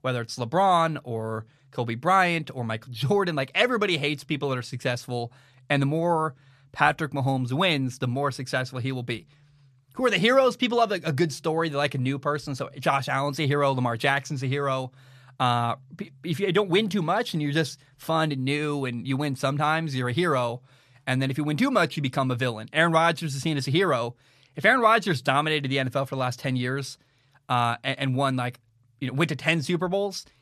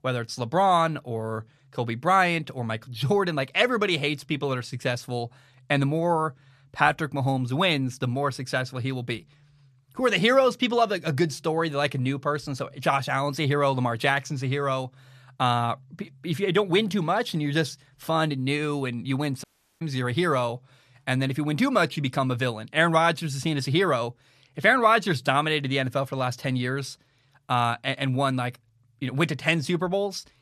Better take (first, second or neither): first